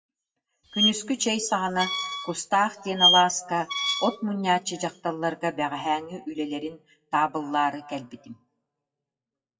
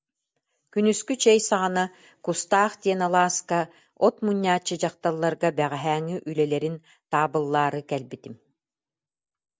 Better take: second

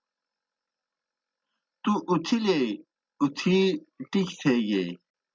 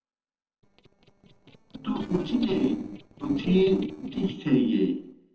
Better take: first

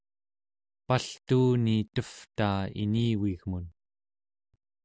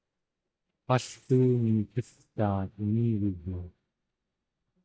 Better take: first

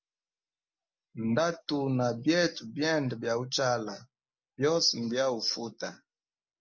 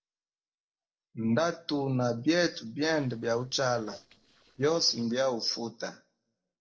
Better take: first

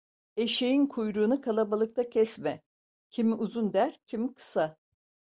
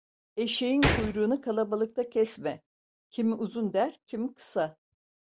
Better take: first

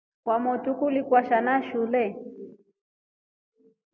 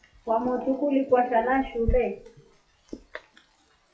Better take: first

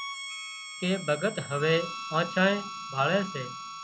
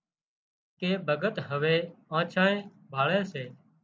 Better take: second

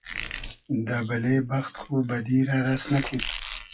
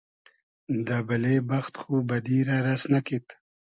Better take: second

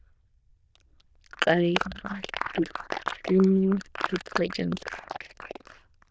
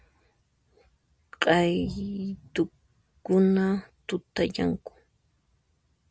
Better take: second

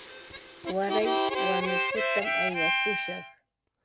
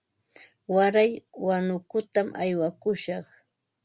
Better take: second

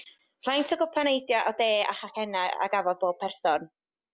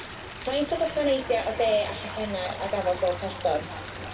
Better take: first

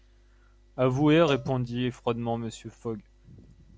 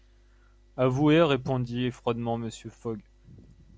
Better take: second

